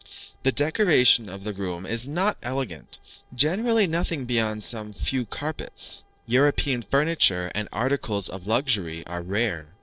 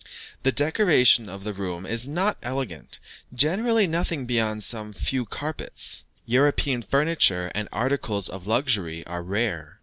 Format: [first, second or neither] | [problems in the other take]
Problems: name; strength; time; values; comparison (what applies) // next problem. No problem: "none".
second | noise reduction (neural separator model SepFormer DNS4)